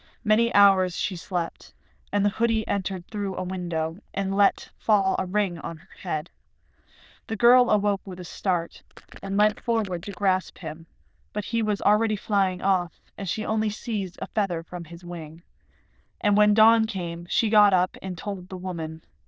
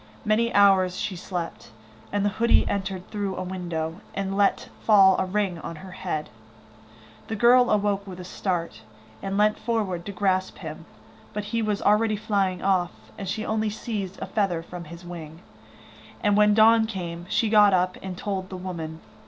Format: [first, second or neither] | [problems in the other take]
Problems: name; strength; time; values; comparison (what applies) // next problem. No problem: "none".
second | noise reduction (neural diffusion model UNIVERSE++)